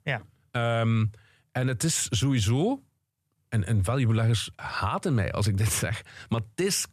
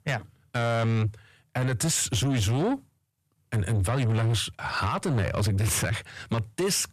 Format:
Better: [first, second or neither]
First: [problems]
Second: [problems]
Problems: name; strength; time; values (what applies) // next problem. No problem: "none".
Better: first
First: none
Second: distortion; slight; 10 dB below the speech